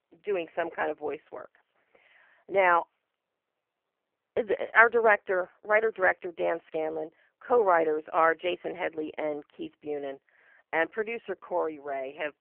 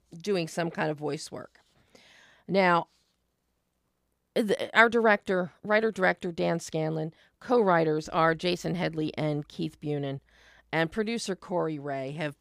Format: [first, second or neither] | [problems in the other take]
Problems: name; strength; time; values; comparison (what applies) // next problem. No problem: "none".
second | phone-call audio; poor line